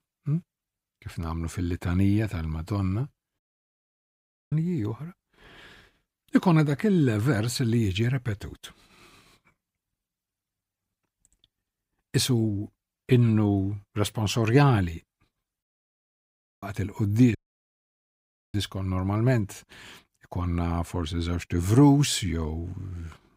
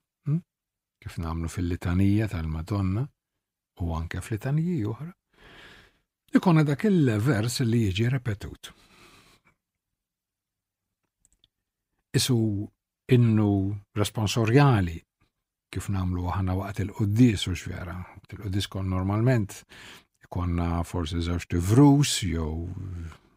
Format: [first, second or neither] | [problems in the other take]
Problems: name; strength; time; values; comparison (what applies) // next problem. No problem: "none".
second | audio cutting out; at 3.5 s for 1 s, at 16 s for 1 s and at 17 s for 1 s